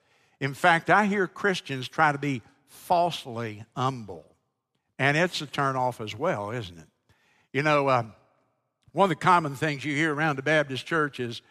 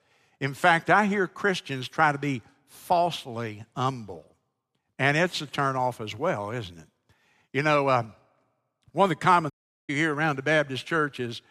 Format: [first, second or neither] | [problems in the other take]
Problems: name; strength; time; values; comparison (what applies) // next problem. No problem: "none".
first | audio cutting out; at 9.5 s